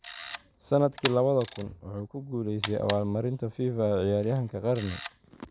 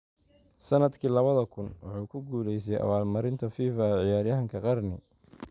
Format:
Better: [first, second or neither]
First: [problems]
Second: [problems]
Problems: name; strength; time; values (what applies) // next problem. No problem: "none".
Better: second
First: background sound (Camera); 13 dB below the speech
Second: none